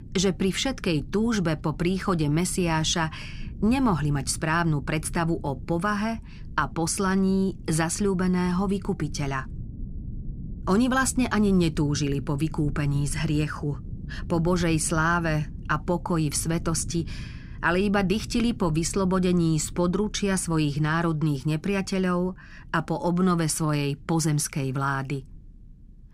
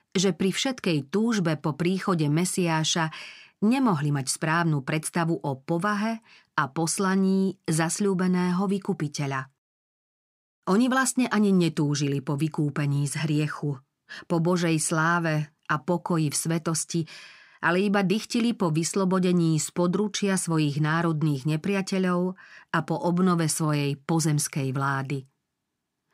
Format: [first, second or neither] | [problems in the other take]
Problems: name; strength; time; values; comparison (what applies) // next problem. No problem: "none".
second | low rumble; faint; throughout; 25 dB below the speech